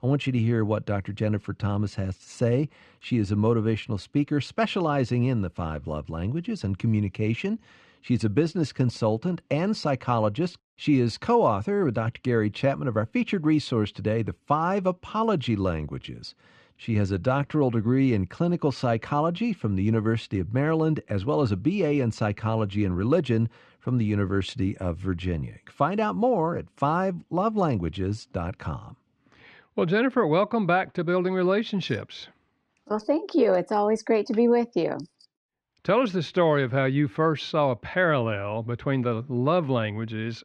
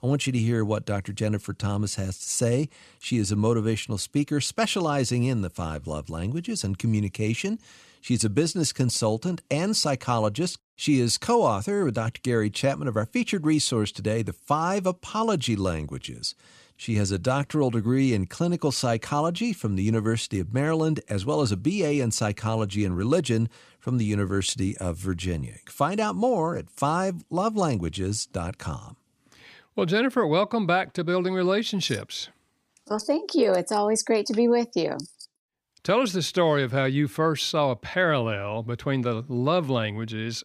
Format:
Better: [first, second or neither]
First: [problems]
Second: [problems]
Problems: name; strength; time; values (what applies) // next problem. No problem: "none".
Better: second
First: muffled; slightly; fading above 2.5 kHz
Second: none